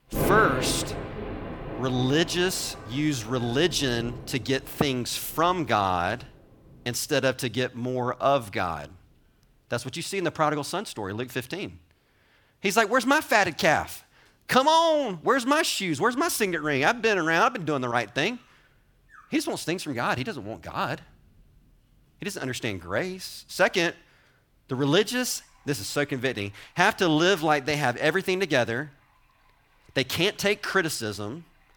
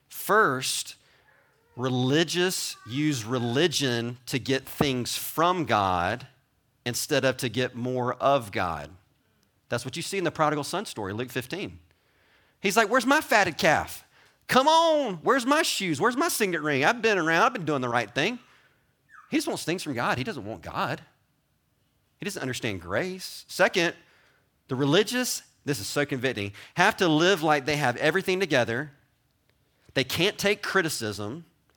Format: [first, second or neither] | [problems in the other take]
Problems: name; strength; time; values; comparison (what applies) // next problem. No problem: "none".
second | rain or running water; loud; throughout; 10 dB below the speech